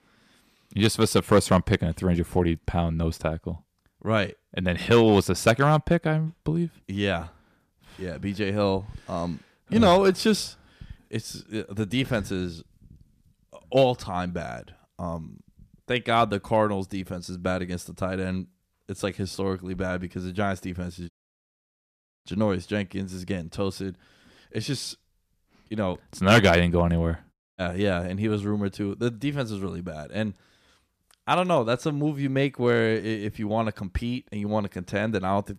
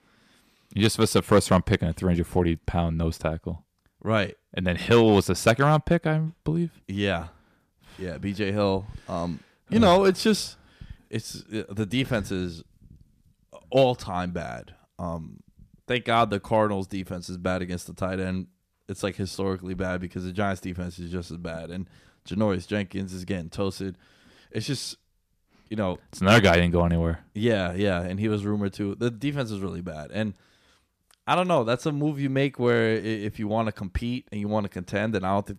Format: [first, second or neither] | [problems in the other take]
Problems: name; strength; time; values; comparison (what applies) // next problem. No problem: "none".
second | audio cutting out; at 21 s for 1 s and at 27 s